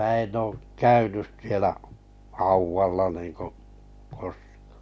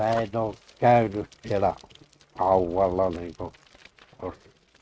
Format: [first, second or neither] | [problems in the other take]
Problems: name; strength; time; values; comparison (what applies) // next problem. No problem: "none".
first | noise reduction (neural mask model RNNoise)